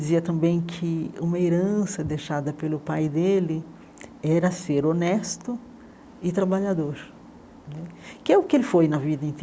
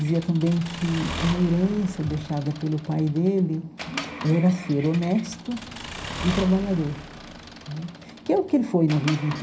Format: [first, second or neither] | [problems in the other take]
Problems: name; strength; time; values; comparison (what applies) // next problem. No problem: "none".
first | background sound (Accelerating, revving, vroom / Mechanisms); 12 dB below the speech // room echo; dies away in 0.4 s